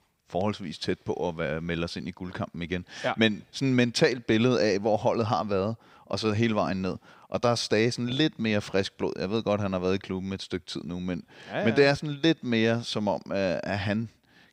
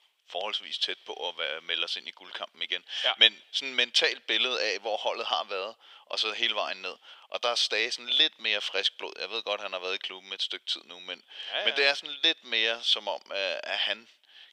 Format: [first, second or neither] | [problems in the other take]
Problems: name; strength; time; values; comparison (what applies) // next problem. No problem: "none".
first | thin; very; fading below 550 Hz